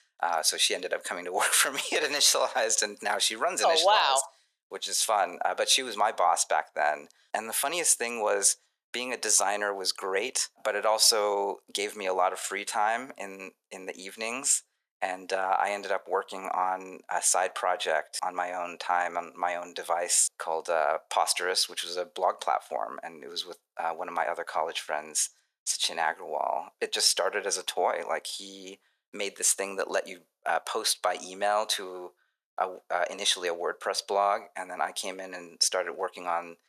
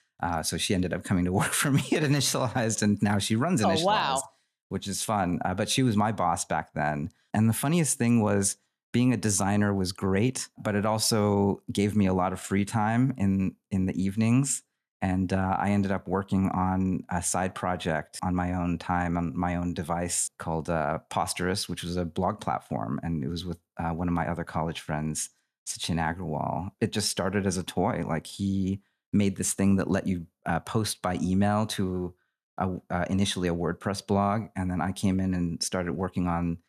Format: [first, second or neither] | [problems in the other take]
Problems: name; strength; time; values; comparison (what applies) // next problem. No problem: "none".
second | thin; very; fading below 500 Hz